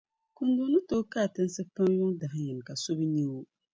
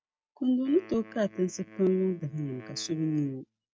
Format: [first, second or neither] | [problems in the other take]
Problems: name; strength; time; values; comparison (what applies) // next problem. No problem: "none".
first | noise reduction (neural mask model RNNoise)